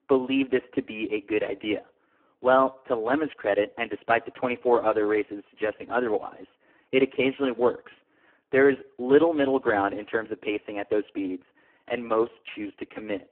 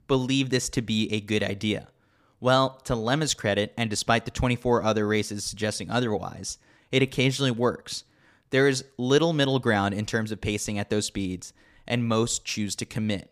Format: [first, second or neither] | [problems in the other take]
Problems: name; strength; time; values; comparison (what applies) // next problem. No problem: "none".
second | phone-call audio; poor line